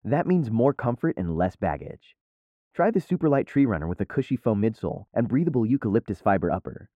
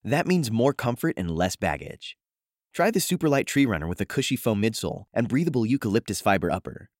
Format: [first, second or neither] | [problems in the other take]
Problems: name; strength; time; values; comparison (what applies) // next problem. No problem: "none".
second | muffled; very; fading above 2.5 kHz